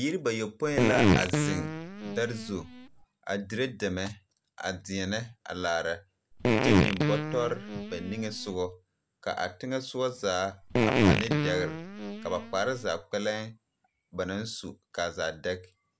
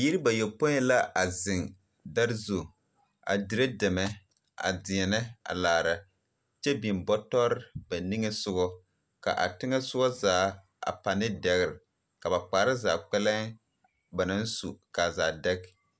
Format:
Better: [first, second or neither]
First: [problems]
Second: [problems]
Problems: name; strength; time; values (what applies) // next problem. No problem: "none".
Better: second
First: background sound (Fart); 5 dB above the speech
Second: none